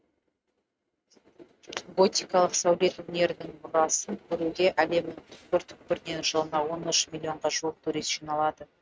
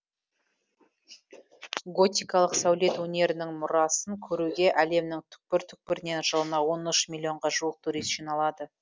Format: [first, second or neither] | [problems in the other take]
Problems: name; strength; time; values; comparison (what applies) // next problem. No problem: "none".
second | noise reduction (neural mask model RNNoise)